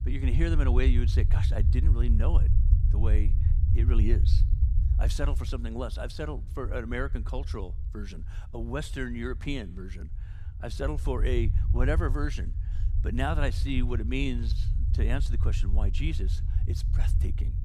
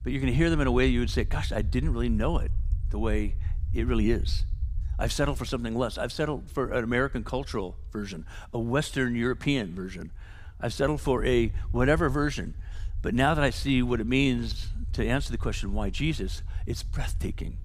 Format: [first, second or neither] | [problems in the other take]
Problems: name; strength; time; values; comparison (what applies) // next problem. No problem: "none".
second | low rumble; loud; throughout; 9 dB below the speech; faint in the second